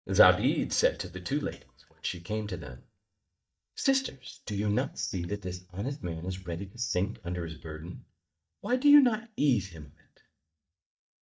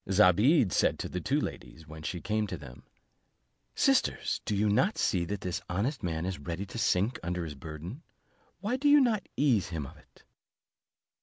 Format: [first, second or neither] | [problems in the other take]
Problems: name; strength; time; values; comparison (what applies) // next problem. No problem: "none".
second | noise reduction (neural mask model DeepFilterNet 3)